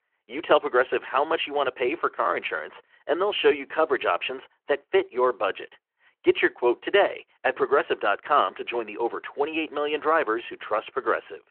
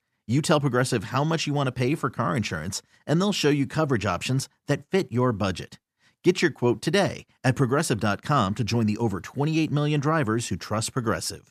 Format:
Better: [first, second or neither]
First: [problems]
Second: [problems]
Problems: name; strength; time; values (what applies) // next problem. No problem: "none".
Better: second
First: phone-call audio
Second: none